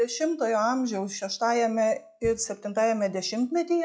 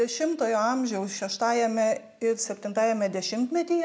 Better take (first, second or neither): second